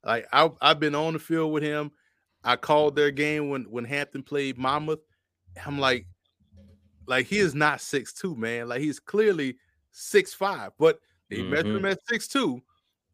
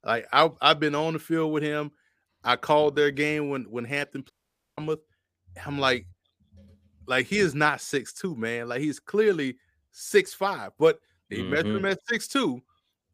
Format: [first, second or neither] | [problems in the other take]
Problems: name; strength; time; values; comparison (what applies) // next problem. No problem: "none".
first | audio cutting out; at 4.5 s